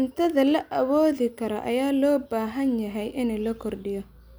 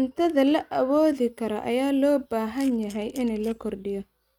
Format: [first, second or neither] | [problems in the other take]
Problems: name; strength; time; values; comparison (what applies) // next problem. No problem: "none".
first | noise reduction (neural mask model RNNoise)